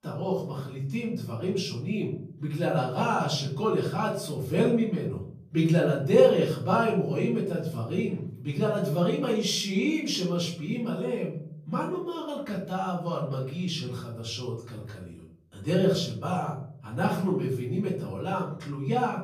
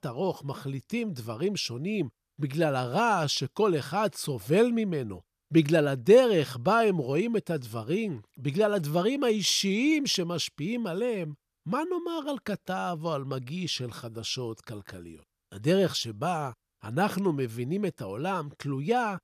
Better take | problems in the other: second | room echo; slight; dies away in 0.6 s // off-mic speech; far

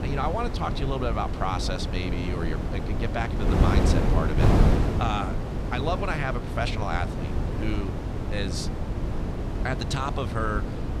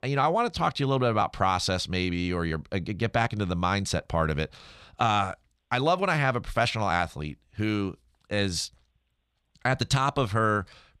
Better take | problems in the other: second | wind noise on the microphone; heavy; 3 dB below the speech

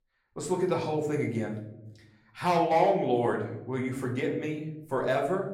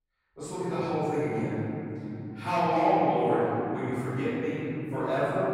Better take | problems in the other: first | room echo; strong; dies away in 3 s; slight in the first // off-mic speech; far; somewhat distant in the first

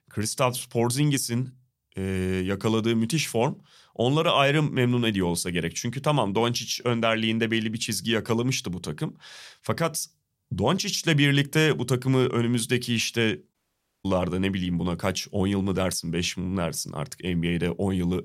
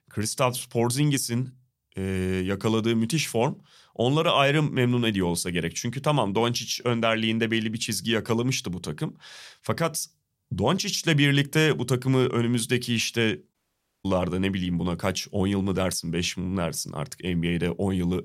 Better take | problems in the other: neither | audio cutting out; at 14 s for 0.5 s; the same in both

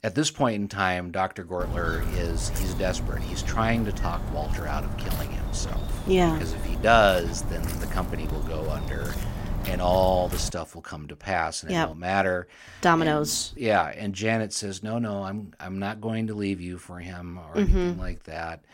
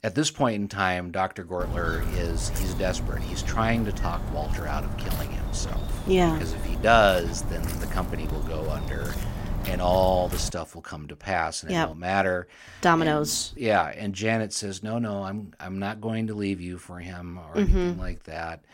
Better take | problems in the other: neither | footsteps; noticeable; from 1.5 to 11 s; peak 3 dB below the speech; the same in both

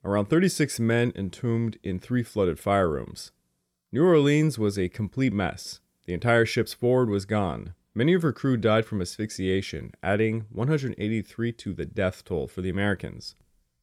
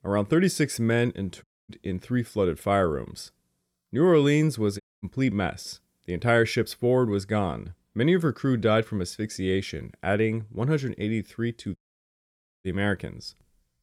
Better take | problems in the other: first | audio cutting out; at 1.5 s, at 5 s and at 12 s for 1 s

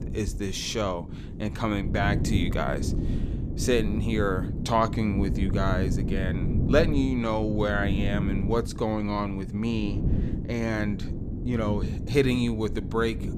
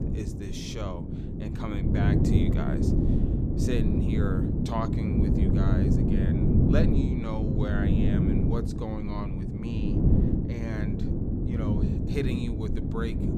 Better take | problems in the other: first | wind noise on the microphone; heavy; 3 dB above the speech; occasional gusts in the first

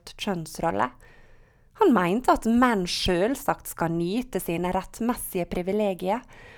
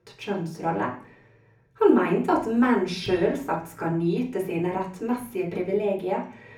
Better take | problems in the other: first | room echo; slight; dies away in 0.5 s // off-mic speech; far

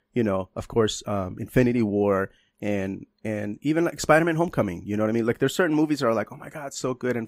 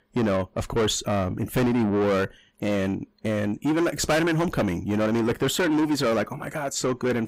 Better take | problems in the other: first | distortion; heavy; 6 dB below the speech

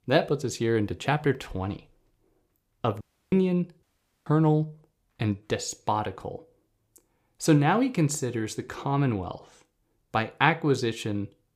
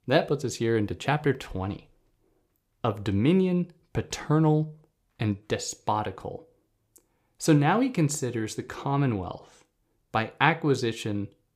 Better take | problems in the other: second | audio cutting out; at 3 s and at 4 s

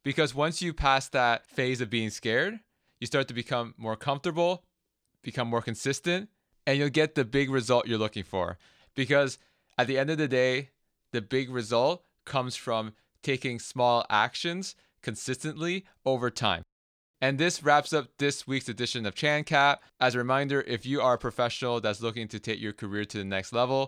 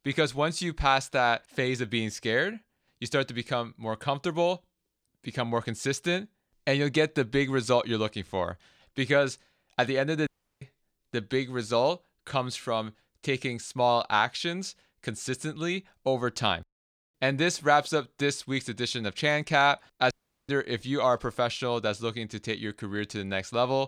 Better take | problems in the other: first | audio cutting out; at 10 s and at 20 s

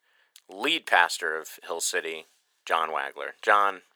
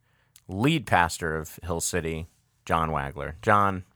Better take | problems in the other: second | thin; very; fading below 350 Hz

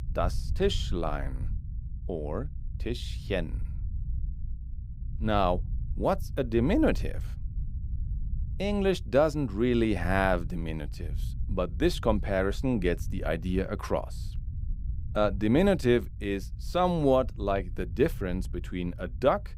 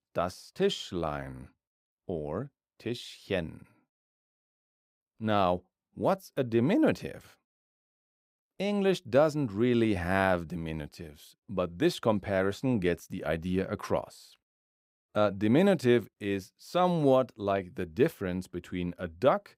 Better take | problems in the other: second | low rumble; faint; throughout; 25 dB below the speech

